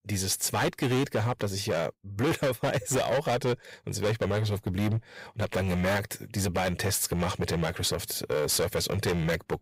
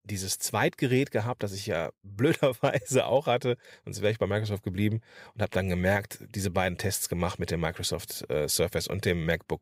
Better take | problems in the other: second | distortion; heavy; 16% of the sound clipped

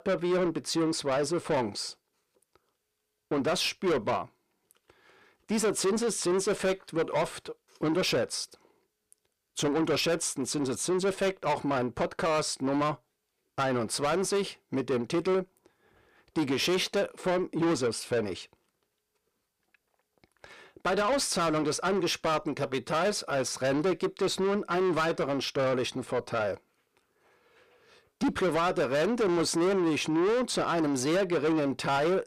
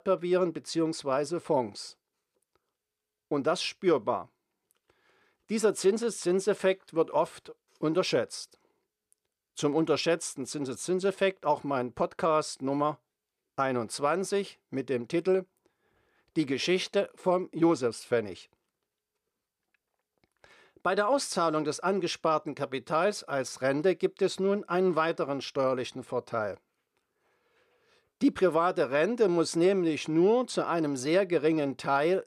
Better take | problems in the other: second | distortion; heavy; 7 dB below the speech

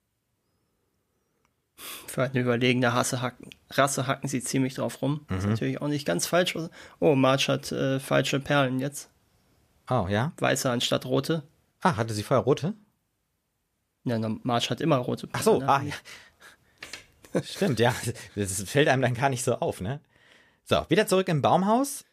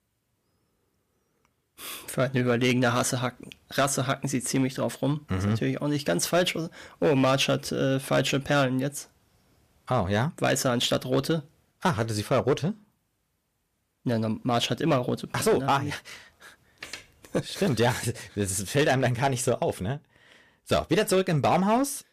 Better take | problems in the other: first | distortion; slight; 4% of the sound clipped

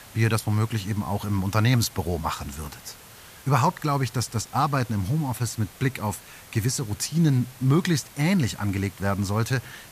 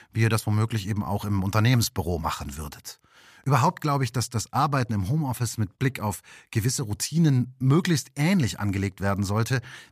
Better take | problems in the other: second | hiss; noticeable; throughout; 20 dB below the speech

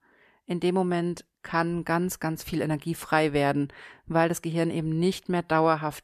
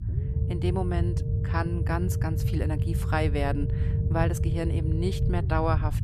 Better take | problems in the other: first | low rumble; loud; throughout; 8 dB below the speech

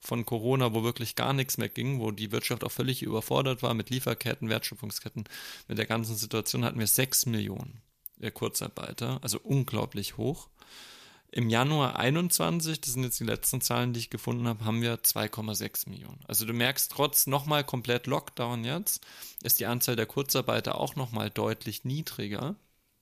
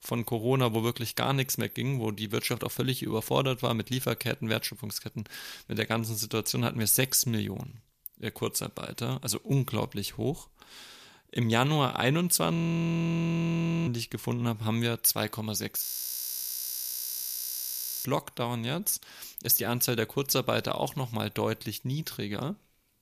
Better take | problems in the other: first | audio freezing; at 13 s for 1.5 s and at 16 s for 2 s

